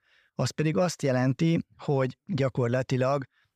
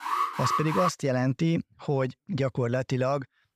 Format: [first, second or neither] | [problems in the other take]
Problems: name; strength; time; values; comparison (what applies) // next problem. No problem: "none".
first | alarm; loud; at the start; peak 1 dB above the speech